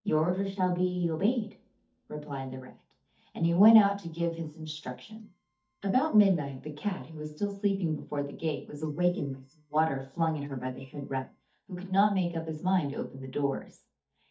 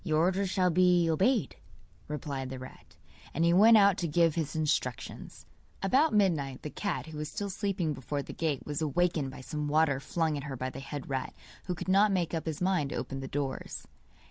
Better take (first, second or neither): second